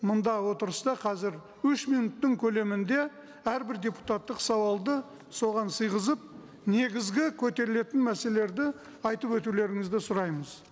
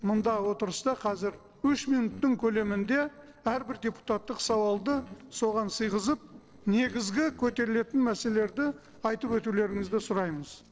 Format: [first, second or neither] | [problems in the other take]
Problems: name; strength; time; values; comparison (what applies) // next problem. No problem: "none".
first | noise reduction (neural separator model SepFormer DNS4)